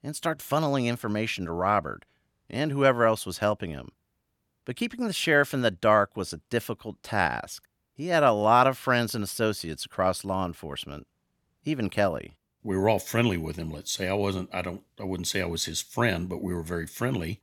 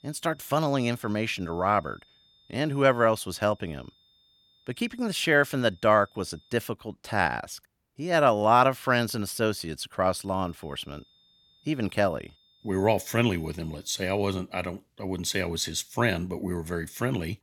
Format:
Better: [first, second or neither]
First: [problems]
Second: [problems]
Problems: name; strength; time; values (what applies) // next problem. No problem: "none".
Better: first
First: none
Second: high-pitched whine; faint; until 6.5 s and from 10 to 14 s; 3.5 kHz, 35 dB below the speech